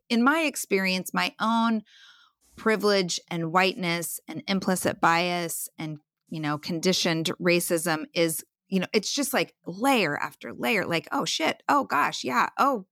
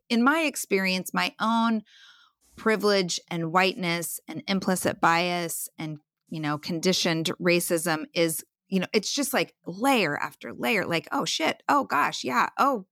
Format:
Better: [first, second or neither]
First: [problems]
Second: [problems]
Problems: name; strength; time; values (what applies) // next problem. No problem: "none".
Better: neither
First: none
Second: none